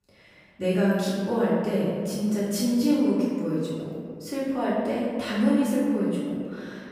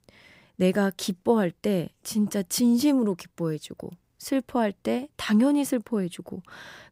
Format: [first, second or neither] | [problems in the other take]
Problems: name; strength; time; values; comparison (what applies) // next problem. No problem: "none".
second | off-mic speech; far // room echo; strong; dies away in 1.9 s